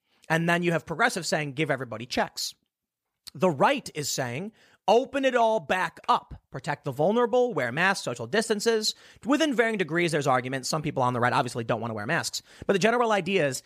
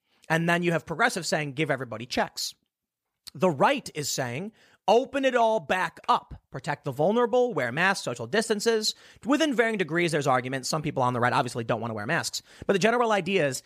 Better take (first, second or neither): neither